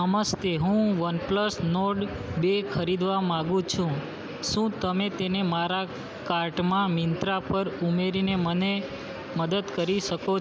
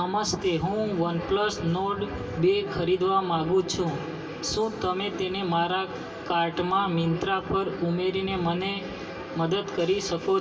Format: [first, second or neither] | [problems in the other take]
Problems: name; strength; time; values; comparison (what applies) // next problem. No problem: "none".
first | room echo; dies away in 2.6 s